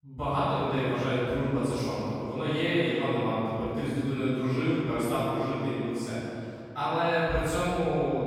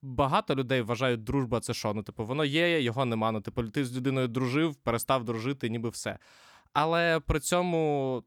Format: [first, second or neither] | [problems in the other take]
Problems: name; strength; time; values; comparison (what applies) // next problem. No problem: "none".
second | off-mic speech; far // room echo; strong; dies away in 2.5 s